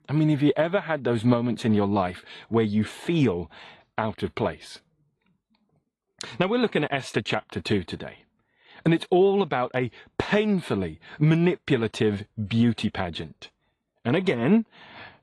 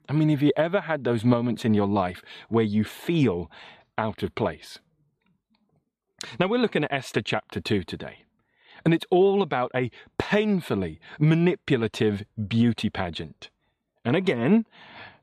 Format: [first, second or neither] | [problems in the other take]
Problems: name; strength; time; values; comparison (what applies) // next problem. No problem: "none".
second | garbled, watery; slightly; nothing above 11.5 kHz